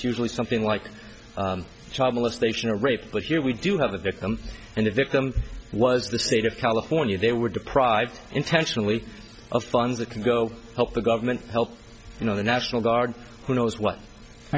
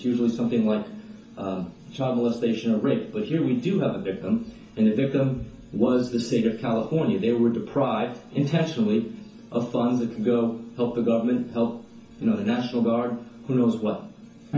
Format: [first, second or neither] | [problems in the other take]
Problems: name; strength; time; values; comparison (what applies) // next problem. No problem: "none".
first | room echo; dies away in 0.9 s